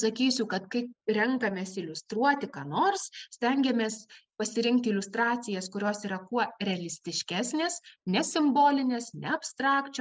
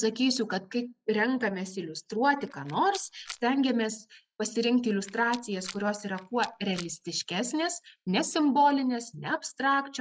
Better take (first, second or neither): first